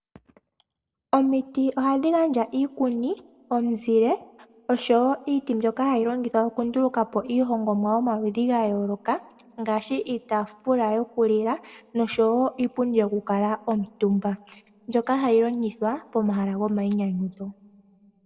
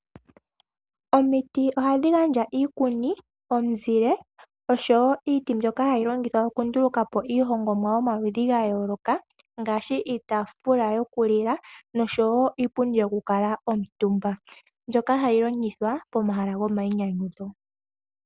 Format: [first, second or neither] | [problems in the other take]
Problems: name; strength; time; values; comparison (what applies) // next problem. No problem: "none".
second | room echo; dies away in 2.3 s